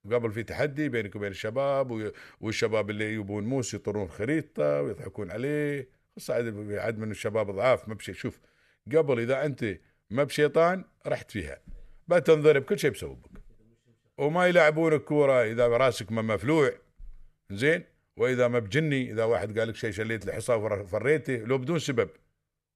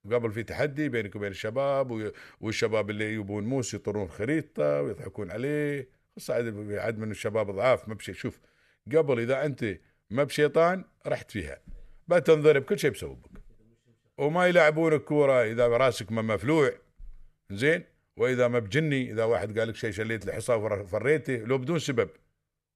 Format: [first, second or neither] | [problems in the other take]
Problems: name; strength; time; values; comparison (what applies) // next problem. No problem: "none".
neither | none